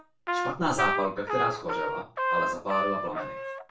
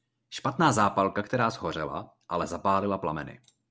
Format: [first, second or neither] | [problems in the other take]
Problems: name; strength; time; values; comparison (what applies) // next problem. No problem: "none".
second | background sound (Trumpet); 1 dB above the speech // room echo; dies away in 0.2 s